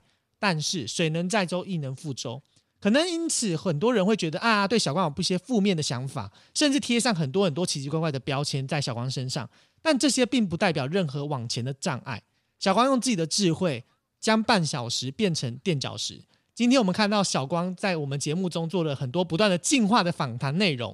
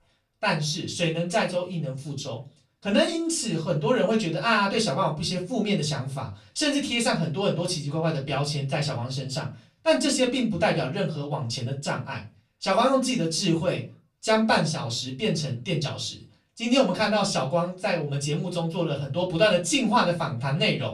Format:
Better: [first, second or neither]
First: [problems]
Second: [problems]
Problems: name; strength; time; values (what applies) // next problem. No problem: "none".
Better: first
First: none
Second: off-mic speech; far // room echo; very slight; dies away in 0.2 s